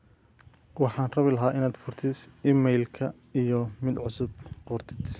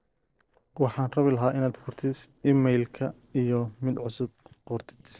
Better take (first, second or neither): first